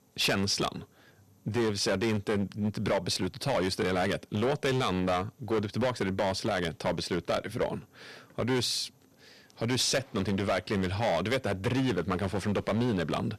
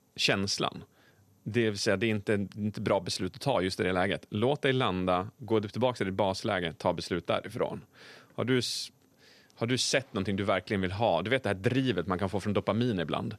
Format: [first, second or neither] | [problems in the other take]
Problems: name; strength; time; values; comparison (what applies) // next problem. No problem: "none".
second | distortion; heavy; 11% of the sound clipped